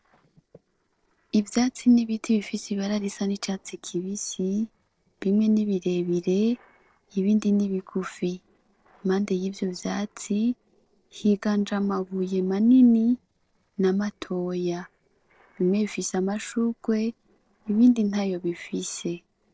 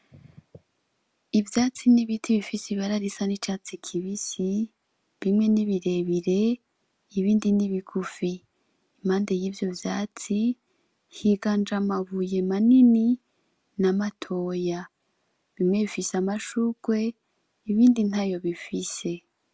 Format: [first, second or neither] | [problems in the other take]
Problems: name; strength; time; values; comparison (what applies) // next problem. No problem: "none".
second | noise reduction (neural separator model SepFormer DNS4)